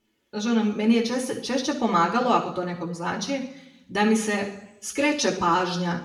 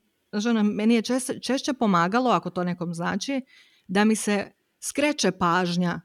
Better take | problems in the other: second | room echo; slight; dies away in 0.8 s // off-mic speech; somewhat distant

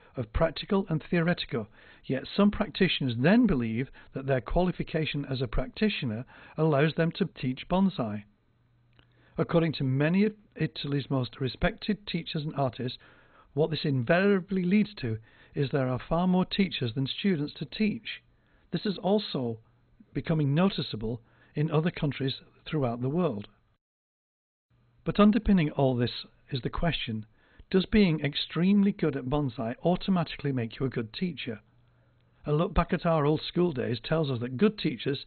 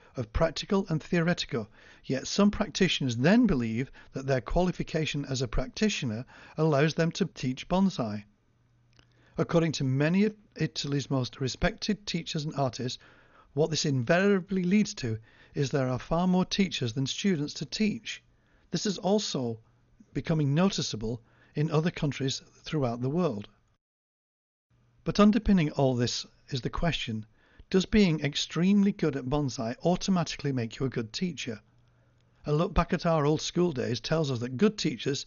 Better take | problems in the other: second | garbled, watery; badly; nothing above 4 kHz; slightly in the second

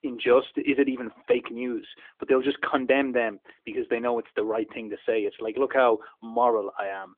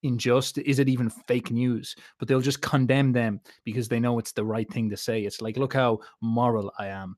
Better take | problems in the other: second | phone-call audio; nothing above 3.5 kHz

